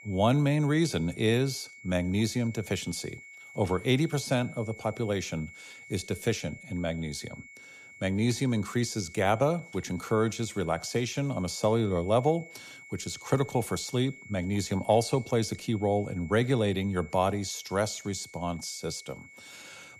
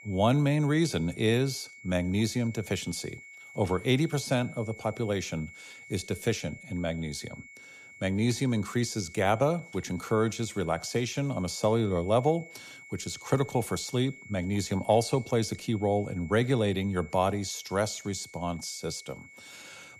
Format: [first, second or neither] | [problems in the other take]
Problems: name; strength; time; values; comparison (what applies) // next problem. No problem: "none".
neither | high-pitched whine; noticeable; throughout; 2 kHz, 20 dB below the speech; the same in both